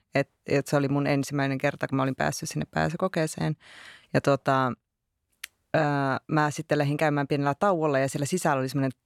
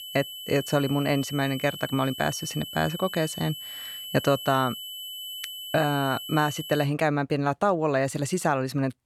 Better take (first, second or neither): first